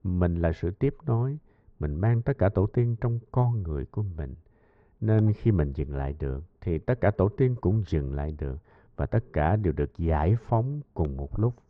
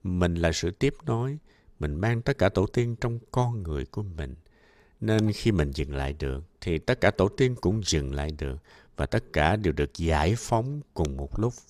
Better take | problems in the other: second | muffled; very; fading above 1.5 kHz

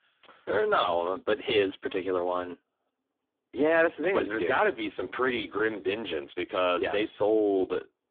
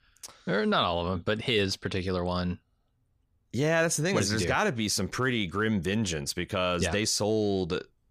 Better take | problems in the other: second | phone-call audio; poor line; nothing above 3.5 kHz

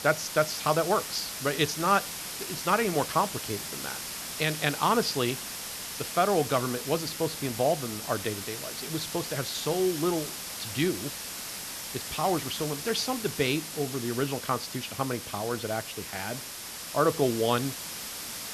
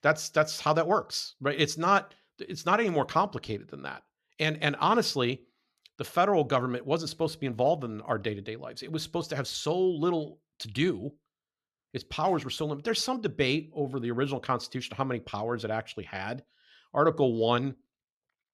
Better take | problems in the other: second | hiss; loud; throughout; 6 dB below the speech

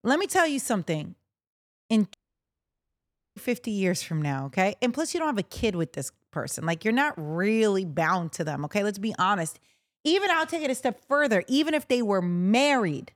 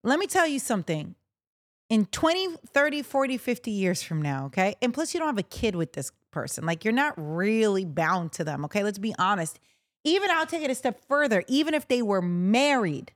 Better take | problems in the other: second | audio cutting out; at 2 s for 1 s

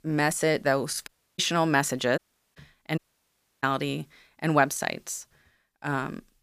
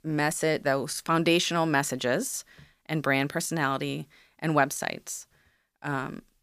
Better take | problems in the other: second | audio cutting out; at 1 s, at 2 s and at 3 s for 0.5 s

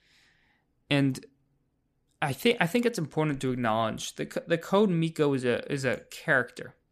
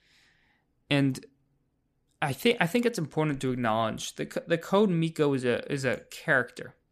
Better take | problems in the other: neither | none

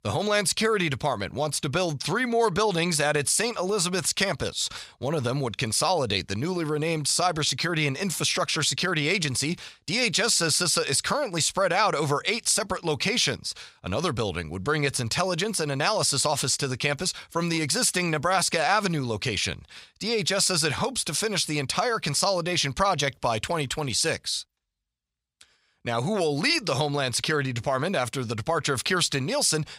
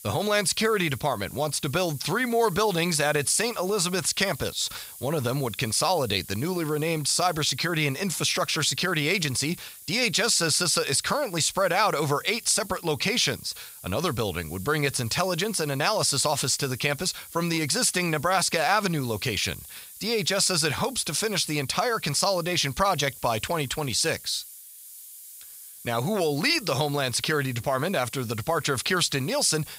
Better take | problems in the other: first | hiss; noticeable; throughout; 15 dB below the speech

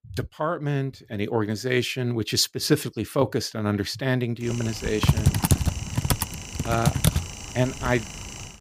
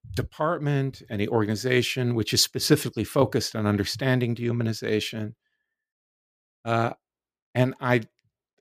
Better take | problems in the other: second | keyboard typing; loud; from 5 to 8 s; peak 5 dB above the speech

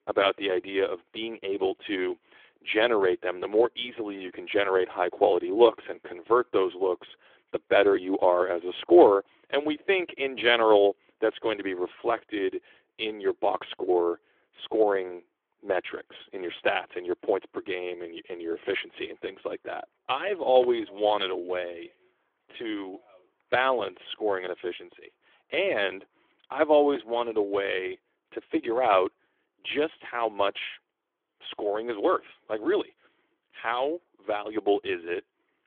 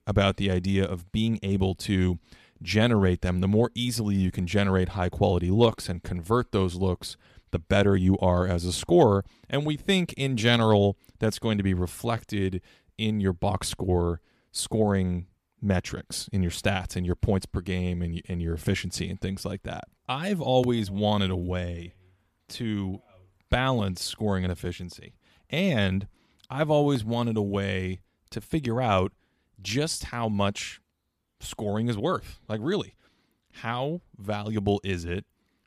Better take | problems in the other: second | phone-call audio; nothing above 3.5 kHz

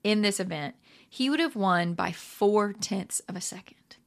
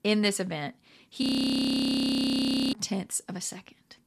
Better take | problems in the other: first | audio freezing; at 1 s for 1.5 s

